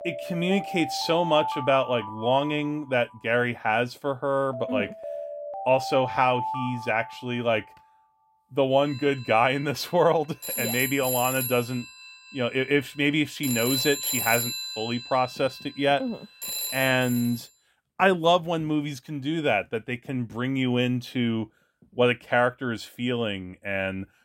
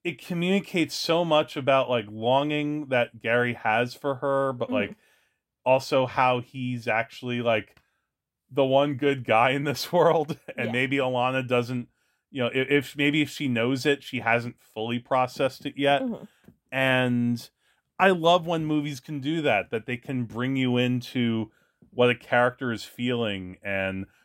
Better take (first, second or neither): second